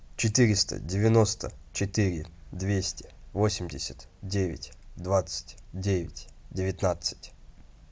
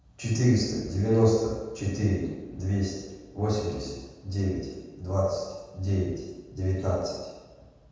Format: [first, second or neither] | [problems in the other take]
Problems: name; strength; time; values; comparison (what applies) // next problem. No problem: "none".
first | room echo; dies away in 1.2 s